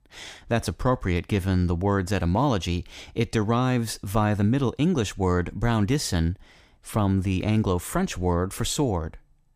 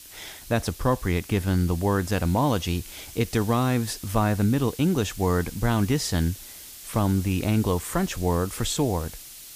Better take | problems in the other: first | hiss; noticeable; throughout; 15 dB below the speech

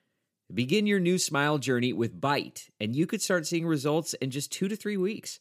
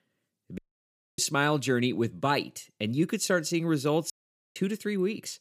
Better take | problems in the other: first | audio cutting out; at 0.5 s for 0.5 s and at 4 s

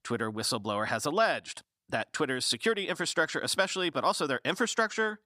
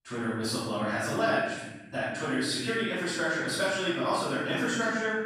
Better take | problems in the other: first | off-mic speech; far // room echo; strong; dies away in 1.6 s

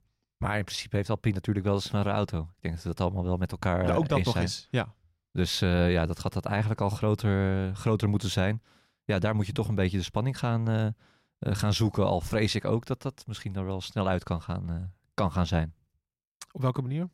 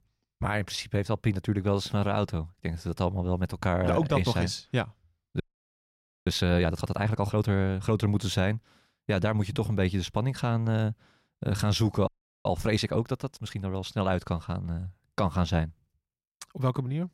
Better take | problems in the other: first | audio freezing; at 5.5 s for 1 s and at 12 s

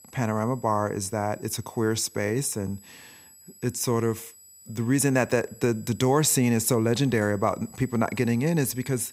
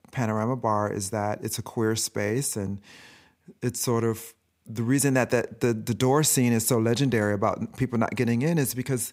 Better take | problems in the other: second | high-pitched whine; faint; throughout; 8 kHz, 25 dB below the speech

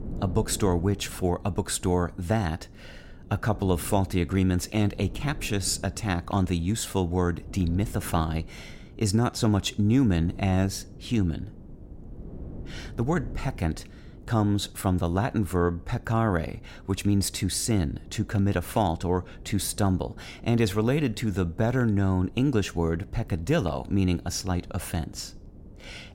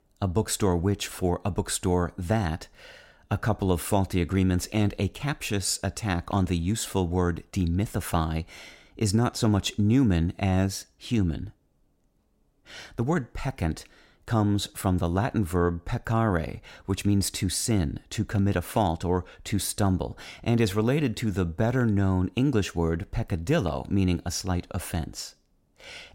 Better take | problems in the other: second | wind noise on the microphone; occasional gusts; 20 dB below the speech

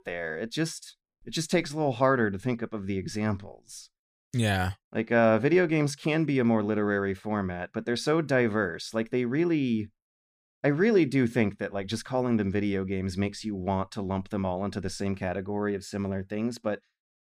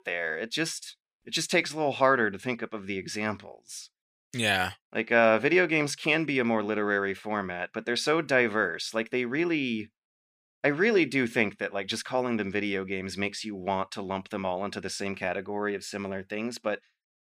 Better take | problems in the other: first | thin; very slightly; fading below 450 Hz

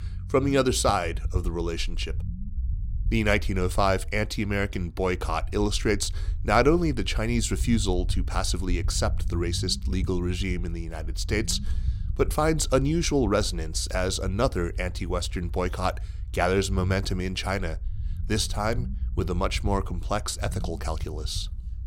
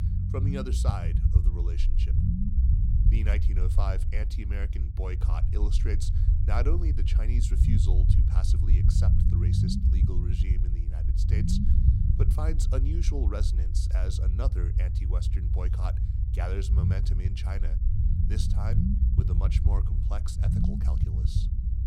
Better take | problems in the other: first | low rumble; loud; throughout; 1 dB below the speech; faint in the first

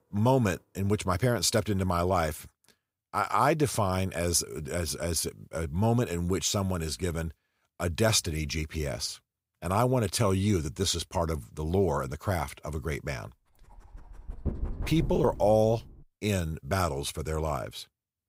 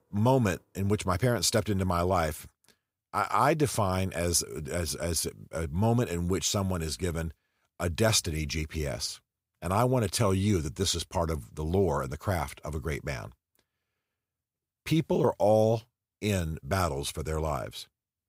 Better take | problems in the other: second | dog barking; noticeable; from 14 to 16 s; peak 7 dB below the speech

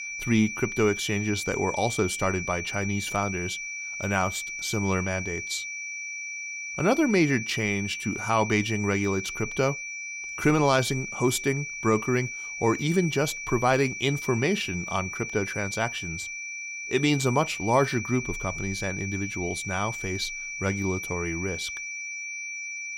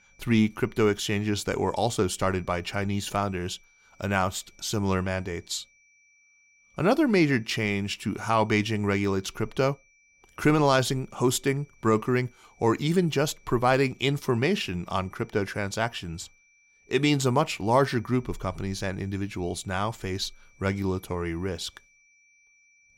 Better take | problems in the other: second | high-pitched whine; loud; throughout; 2.5 kHz, 6 dB below the speech; faint in the second

